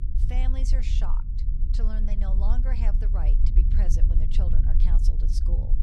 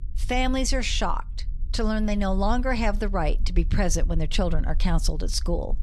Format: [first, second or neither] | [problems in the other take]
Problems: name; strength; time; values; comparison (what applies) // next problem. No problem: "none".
second | low rumble; loud; throughout; 3 dB below the speech; faint in the second